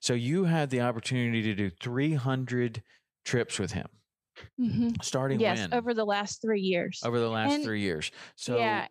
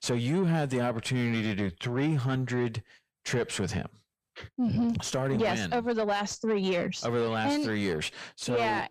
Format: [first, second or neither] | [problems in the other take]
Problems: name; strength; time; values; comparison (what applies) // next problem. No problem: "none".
first | distortion; slight; 10 dB below the speech